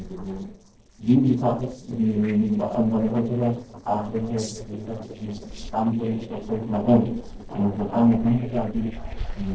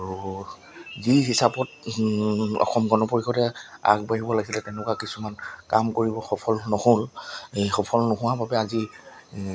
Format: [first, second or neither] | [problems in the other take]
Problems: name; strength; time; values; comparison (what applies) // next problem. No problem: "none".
second | noise reduction (neural separator model SepFormer DNS4)